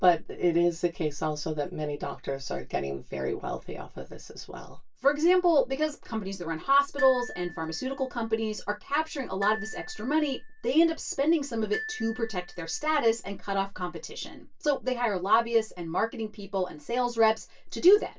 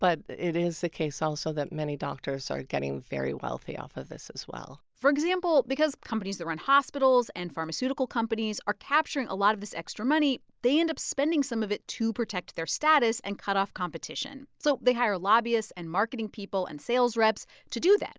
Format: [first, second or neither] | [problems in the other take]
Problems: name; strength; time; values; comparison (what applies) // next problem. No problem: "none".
second | background sound (Glockenspiel); 14 dB below the speech // room echo; dies away in 0.1 s